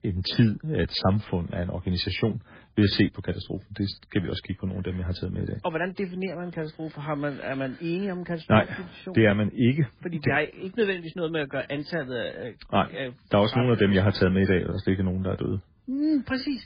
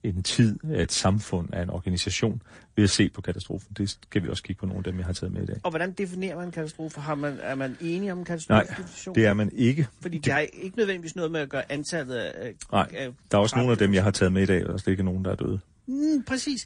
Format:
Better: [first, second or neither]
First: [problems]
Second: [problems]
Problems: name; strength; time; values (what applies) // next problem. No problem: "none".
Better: second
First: garbled, watery; badly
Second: garbled, watery; slightly; nothing above 9 kHz